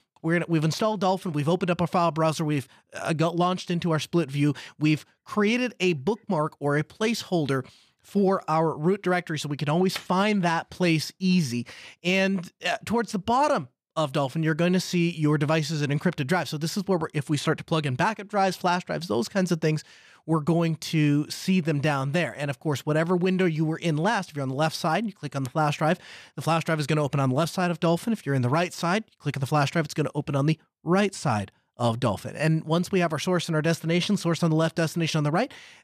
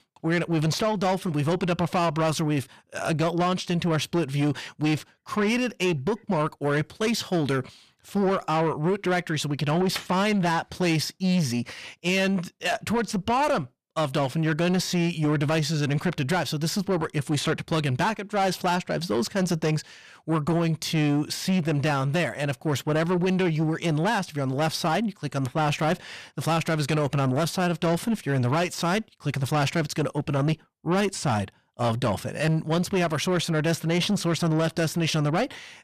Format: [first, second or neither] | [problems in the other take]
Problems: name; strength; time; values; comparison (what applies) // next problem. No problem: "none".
first | distortion; slight; 10 dB below the speech